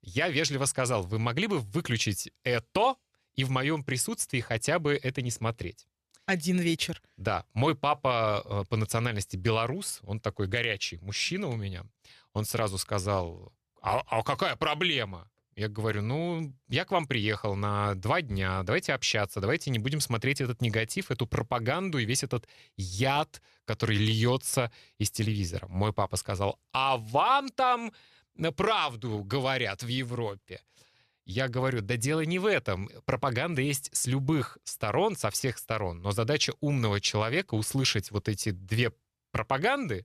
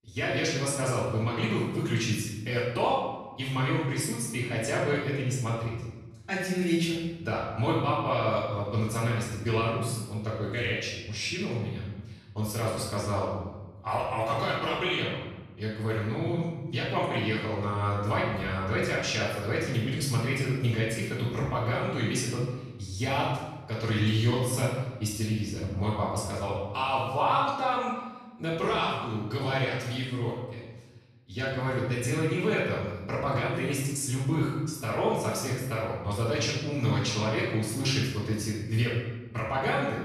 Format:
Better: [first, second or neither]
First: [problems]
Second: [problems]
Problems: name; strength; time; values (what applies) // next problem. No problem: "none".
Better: first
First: none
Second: off-mic speech; far // room echo; noticeable; dies away in 1.1 s